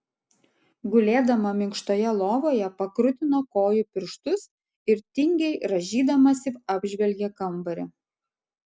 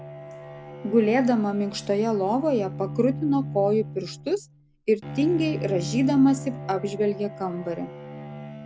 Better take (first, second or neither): first